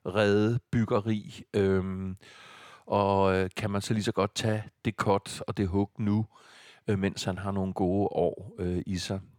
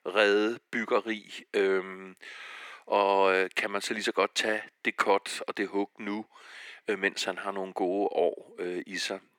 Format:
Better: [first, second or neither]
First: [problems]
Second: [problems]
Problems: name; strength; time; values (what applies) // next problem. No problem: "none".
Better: first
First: none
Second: thin; somewhat; fading below 300 Hz